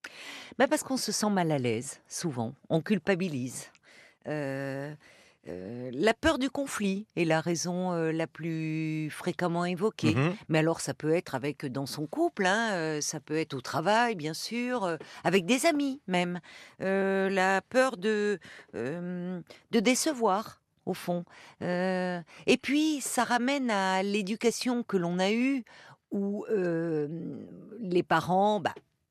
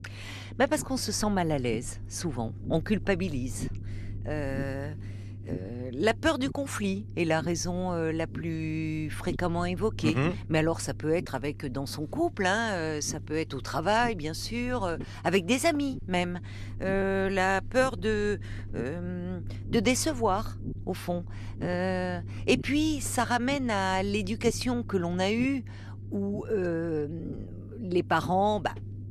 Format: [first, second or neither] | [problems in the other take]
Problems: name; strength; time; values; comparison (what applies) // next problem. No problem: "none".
first | low rumble; faint; throughout; 20 dB below the speech